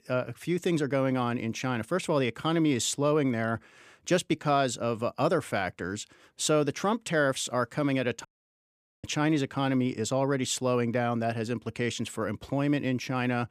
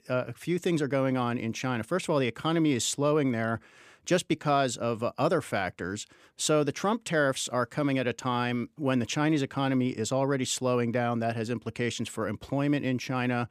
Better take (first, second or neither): second